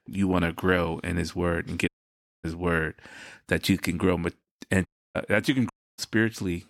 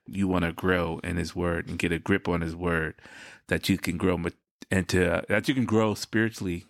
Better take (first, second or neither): second